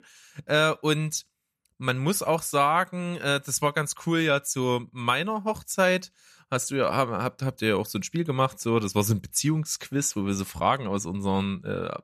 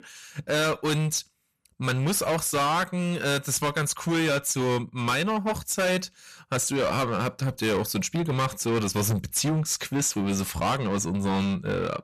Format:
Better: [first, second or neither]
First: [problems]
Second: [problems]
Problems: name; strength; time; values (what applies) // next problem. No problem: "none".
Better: first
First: none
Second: distortion; heavy; 6 dB below the speech